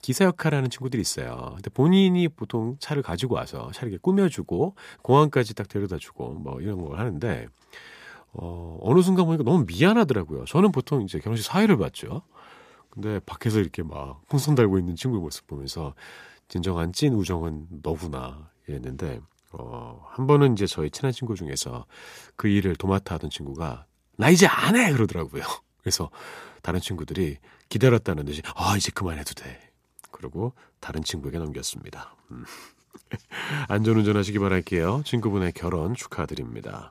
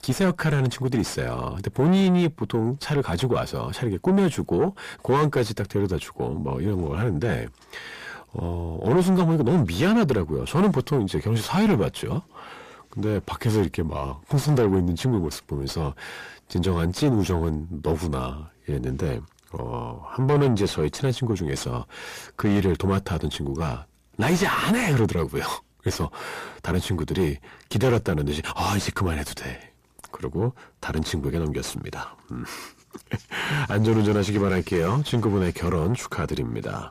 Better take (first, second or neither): first